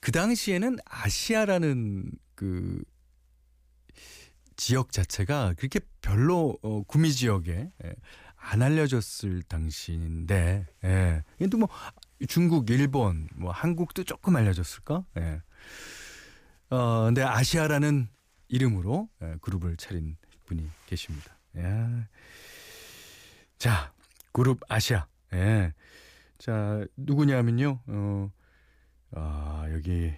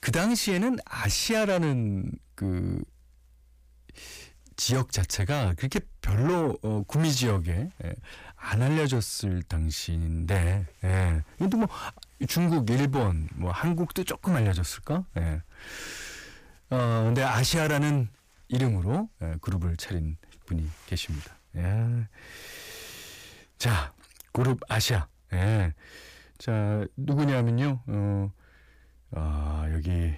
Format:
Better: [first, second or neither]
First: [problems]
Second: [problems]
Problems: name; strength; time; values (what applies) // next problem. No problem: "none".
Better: first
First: none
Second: distortion; slight; 10 dB below the speech